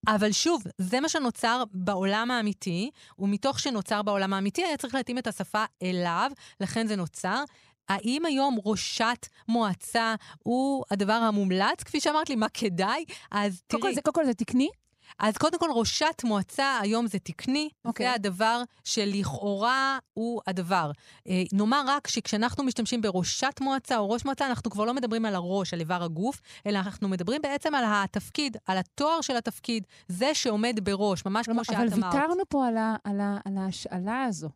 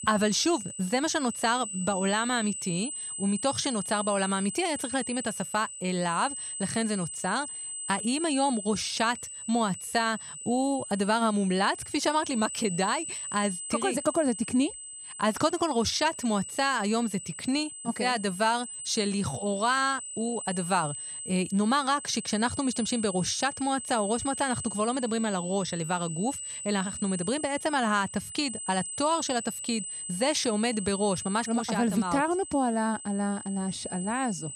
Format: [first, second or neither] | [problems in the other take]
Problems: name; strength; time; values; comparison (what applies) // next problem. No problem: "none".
first | high-pitched whine; loud; throughout; 8 kHz, 7 dB below the speech